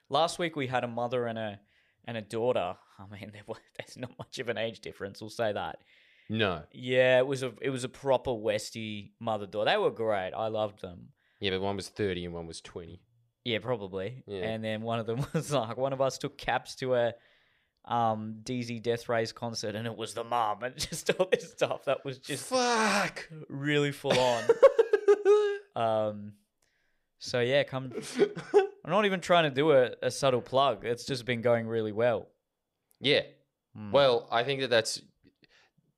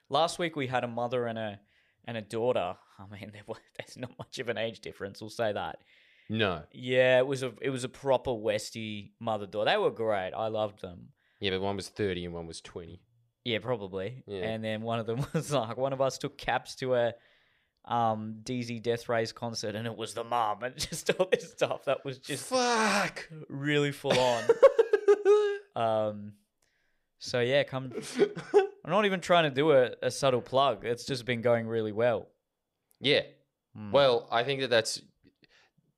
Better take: neither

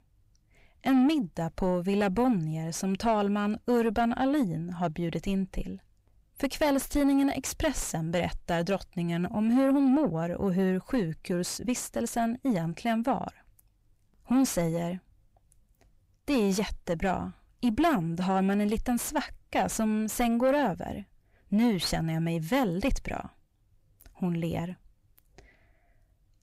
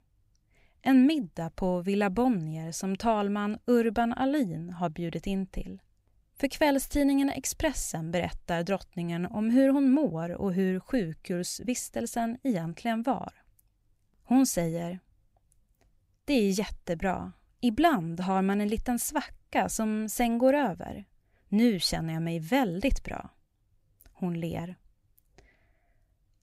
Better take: second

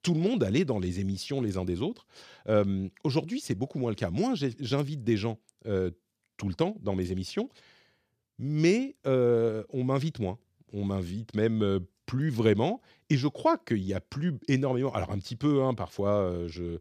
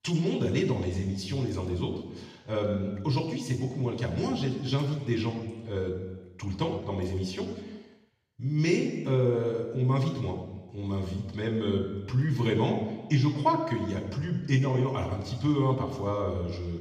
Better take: first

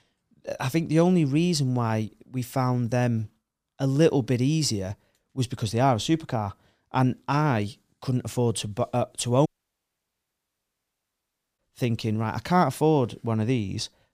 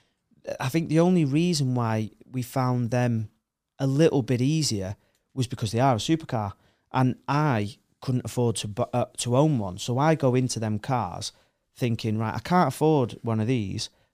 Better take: second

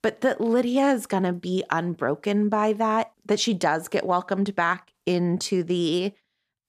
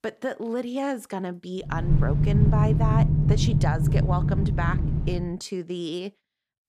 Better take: first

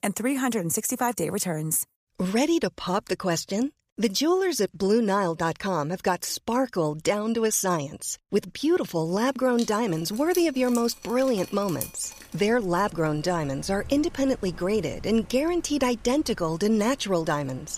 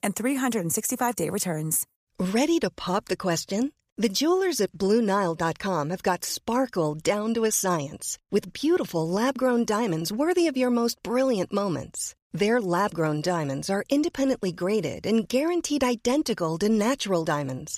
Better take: second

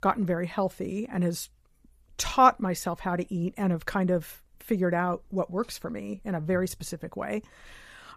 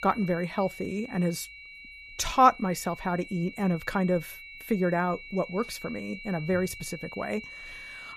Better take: first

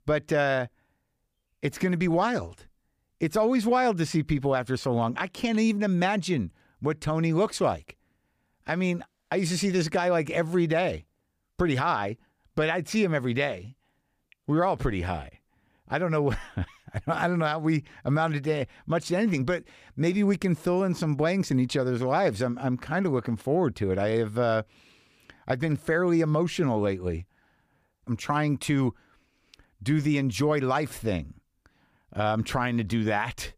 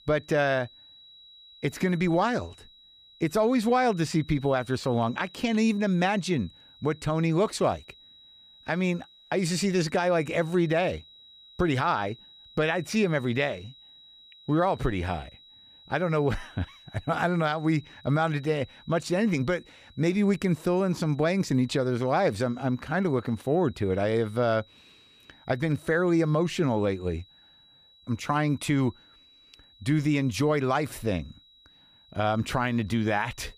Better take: first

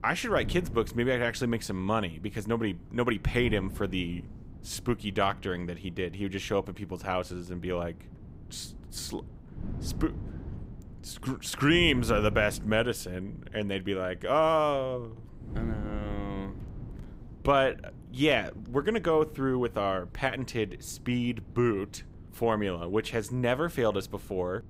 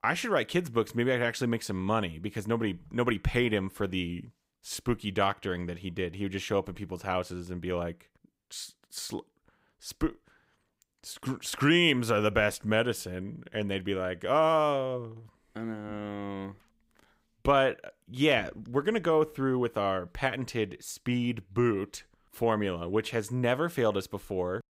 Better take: second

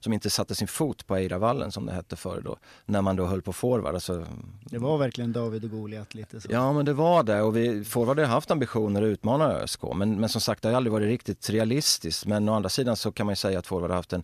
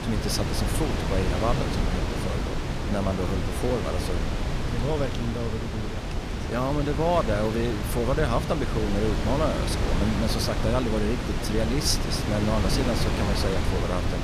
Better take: first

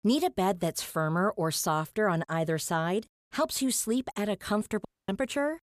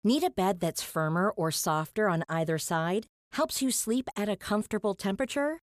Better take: second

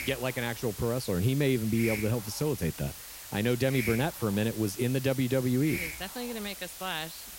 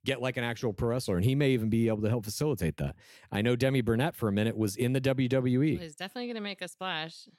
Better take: second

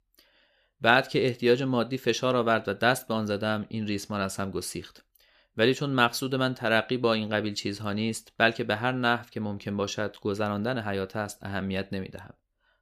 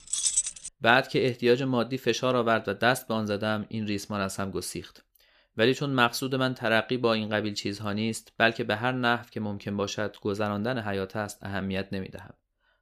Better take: first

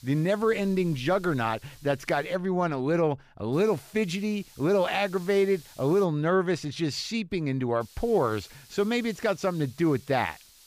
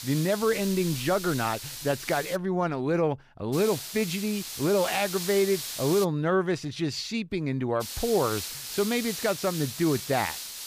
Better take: first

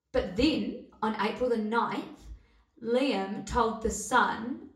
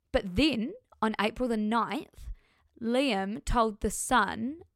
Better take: second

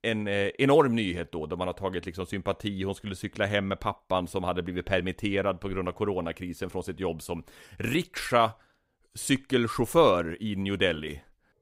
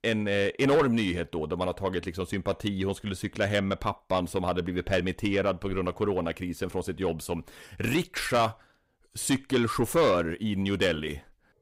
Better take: first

